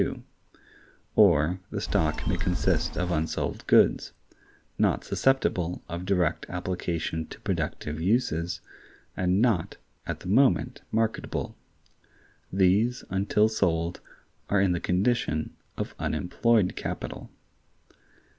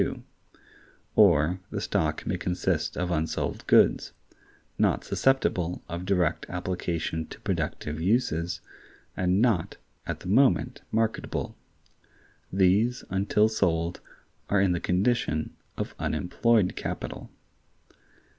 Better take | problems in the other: second | background sound (Telephone); 1 dB below the speech

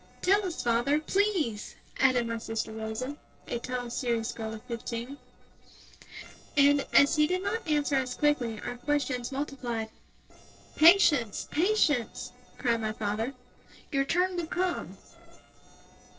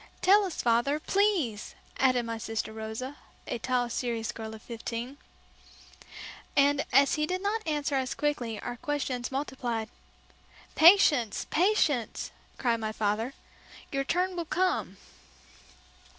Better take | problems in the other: second | noise reduction (neural separator model SepFormer DNS4)

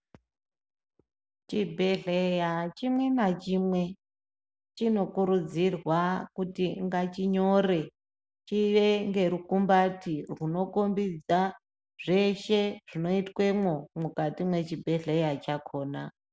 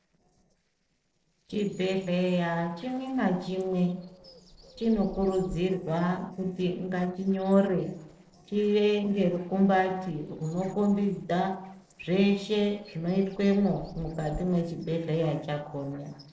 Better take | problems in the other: first | noise reduction (neural separator model SepFormer DNS4)

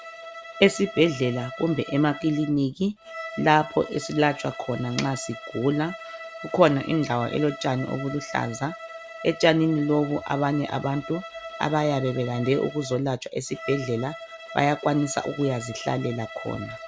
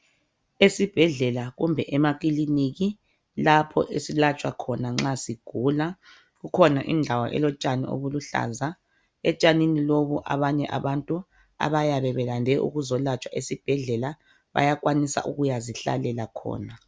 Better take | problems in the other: second | background sound (Bowed string instrument); 14 dB below the speech

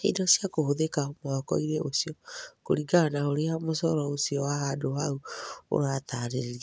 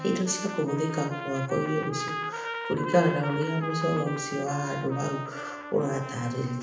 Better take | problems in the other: first | background sound (Trumpet); 7 dB below the speech // room echo; dies away in 0.7 s

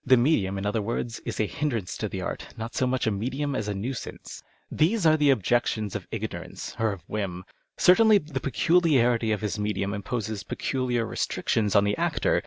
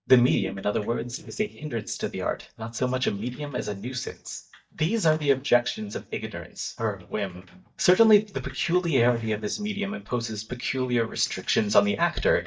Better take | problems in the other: first | noise reduction (neural mask model DeepFilterNet 3)

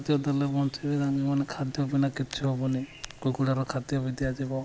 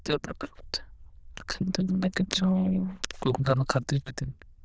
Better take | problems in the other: first | noise reduction (neural diffusion model UNIVERSE++)

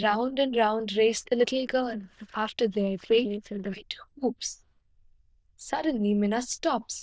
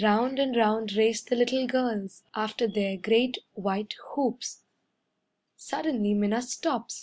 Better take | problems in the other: second | noise reduction (neural diffusion model UNIVERSE++)

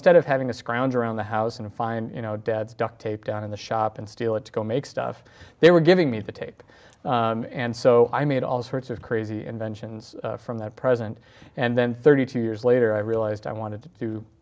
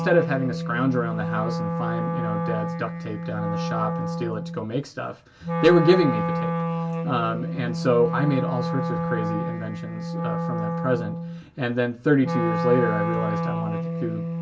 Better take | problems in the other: first | background sound (Wind instrument, woodwind instrument); 1 dB below the speech // room echo; dies away in 0.1 s

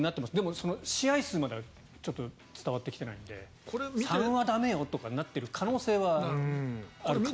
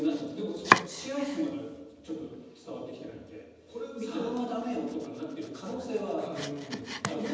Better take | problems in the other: first | background sound (Domestic sounds, home sounds); 1 dB below the speech // room echo; dies away in 1.1 s

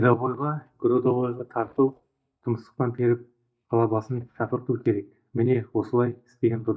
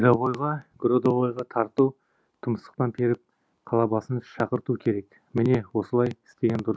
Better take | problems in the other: second | noise reduction (neural mask model DeepFilterNet 3)

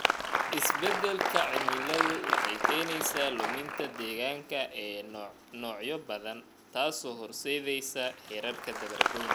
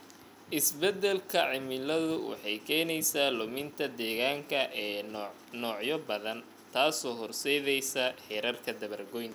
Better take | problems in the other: second | background sound (Applause); 1 dB above the speech

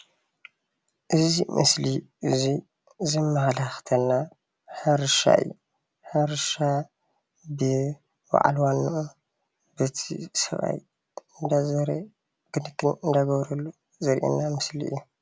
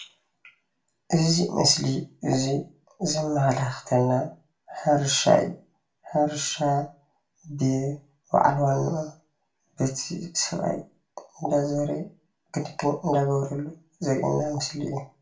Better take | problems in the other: first | room echo; dies away in 0.3 s

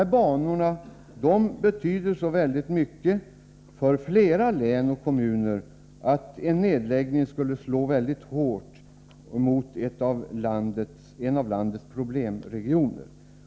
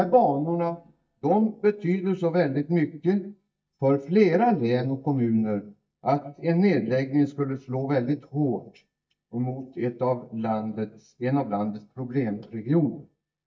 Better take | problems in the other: first | noise reduction (neural mask model DeepFilterNet 3)

